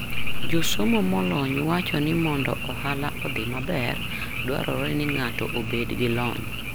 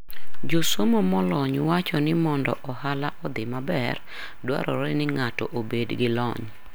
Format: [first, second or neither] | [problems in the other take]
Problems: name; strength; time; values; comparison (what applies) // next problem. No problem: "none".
second | background sound (Frog); 7 dB below the speech